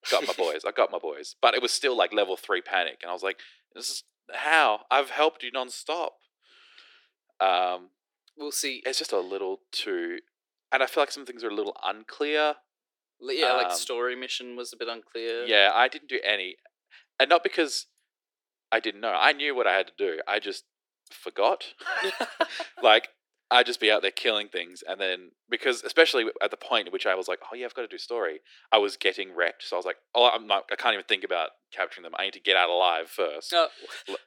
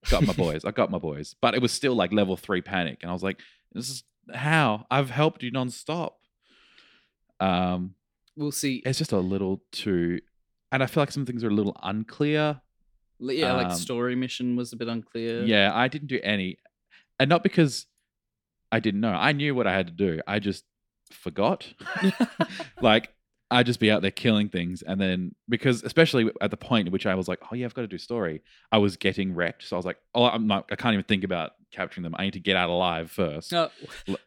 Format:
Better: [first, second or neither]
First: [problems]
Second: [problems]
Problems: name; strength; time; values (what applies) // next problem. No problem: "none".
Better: second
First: thin; very; fading below 350 Hz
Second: none